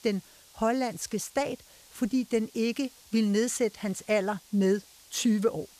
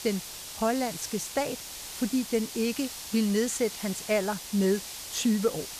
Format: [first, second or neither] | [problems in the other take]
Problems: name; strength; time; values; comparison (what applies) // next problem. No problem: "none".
first | hiss; loud; throughout; 8 dB below the speech; faint in the first